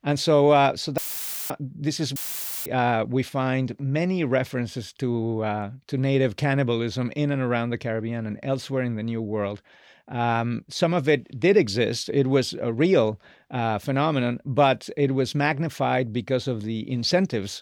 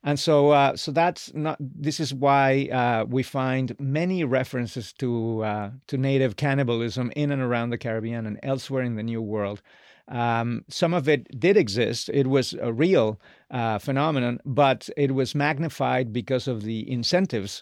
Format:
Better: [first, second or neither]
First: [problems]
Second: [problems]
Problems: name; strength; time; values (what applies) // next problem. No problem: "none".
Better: second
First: audio cutting out; filled with static; at 1 s for 0.5 s and at 2 s for 0.5 s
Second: none